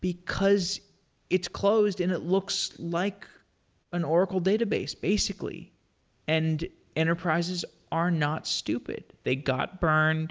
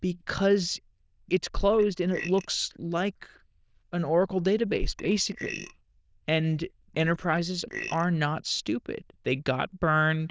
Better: first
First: none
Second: noise reduction (neural diffusion model UNIVERSE++)

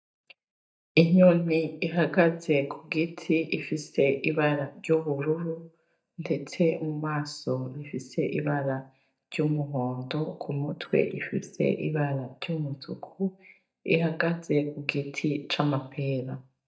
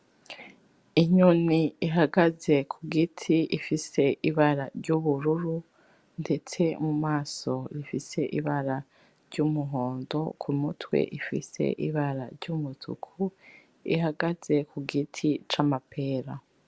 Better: second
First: noise reduction (neural mask model DeepFilterNet 3)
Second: none

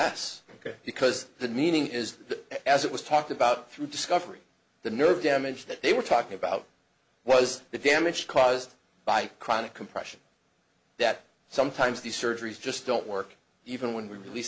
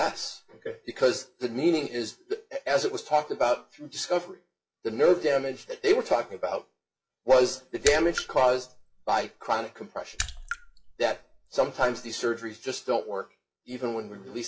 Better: first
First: none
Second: noise reduction (classical method WPE with log-MMSE)

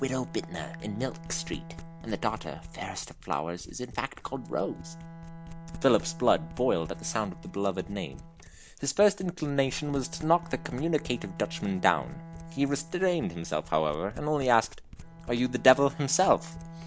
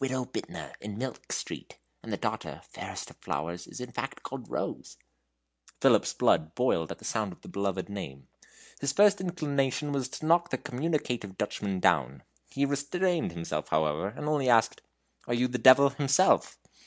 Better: second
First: background sound (Bowed string instrument + Domestic sounds, home sounds); 14 dB below the speech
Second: none

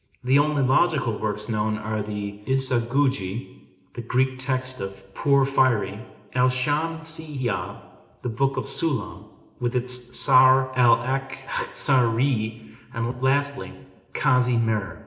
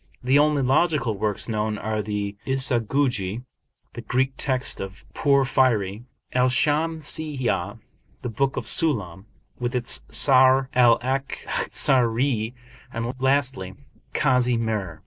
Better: second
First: room echo; dies away in 0.8 s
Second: none

